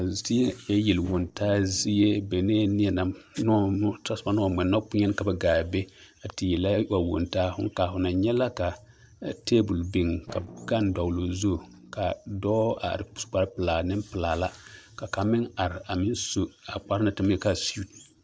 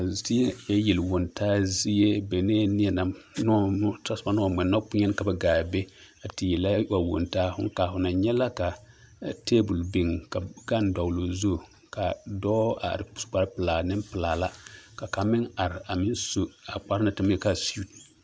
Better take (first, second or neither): second